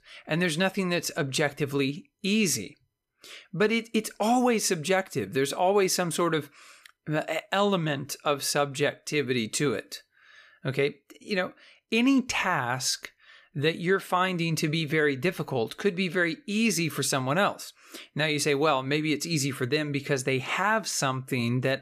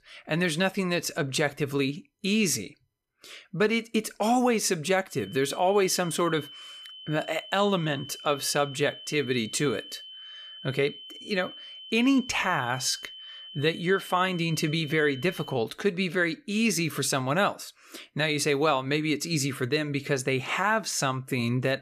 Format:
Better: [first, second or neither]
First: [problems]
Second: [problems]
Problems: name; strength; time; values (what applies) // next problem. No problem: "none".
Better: first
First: none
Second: high-pitched whine; noticeable; from 5 to 16 s; 3 kHz, 15 dB below the speech